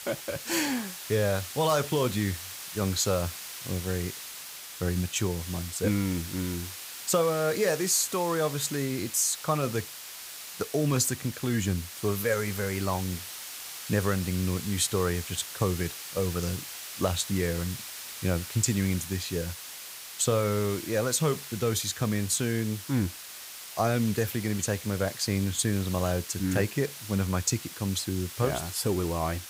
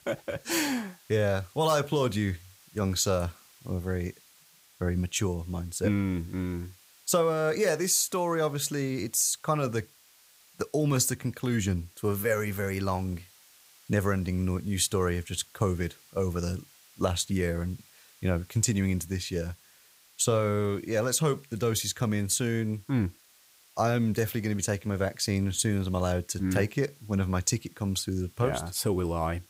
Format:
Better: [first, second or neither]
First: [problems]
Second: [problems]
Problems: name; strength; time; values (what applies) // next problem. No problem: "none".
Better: second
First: hiss; loud; throughout; 9 dB below the speech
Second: hiss; faint; throughout; 25 dB below the speech